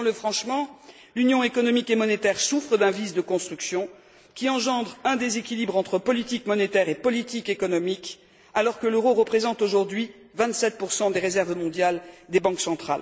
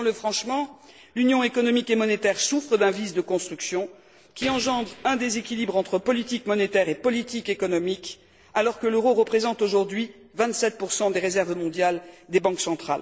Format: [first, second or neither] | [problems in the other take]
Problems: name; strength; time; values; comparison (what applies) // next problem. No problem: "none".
first | noise reduction (neural separator model SepFormer DNS4)